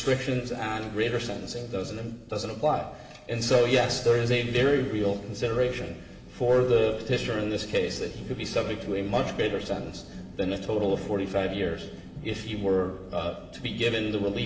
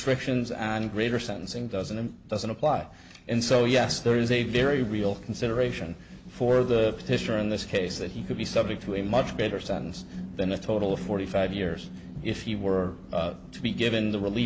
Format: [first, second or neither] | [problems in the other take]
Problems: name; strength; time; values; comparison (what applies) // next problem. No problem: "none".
second | room echo; dies away in 2.5 s